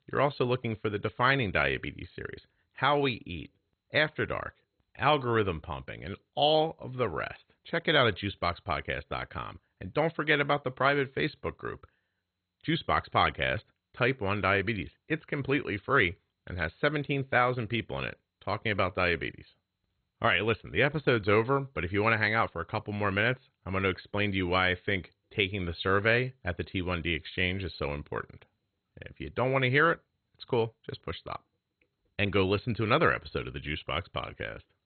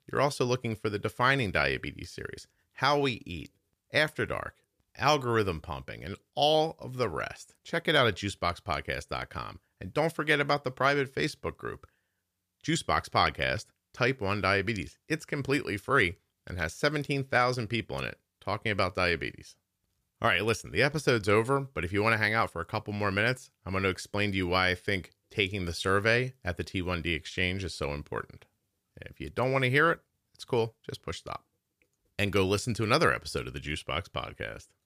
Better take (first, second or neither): second